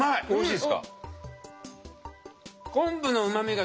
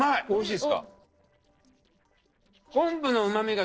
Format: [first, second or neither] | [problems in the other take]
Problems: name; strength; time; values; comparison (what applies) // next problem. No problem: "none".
first | noise reduction (neural separator model SepFormer DNS4)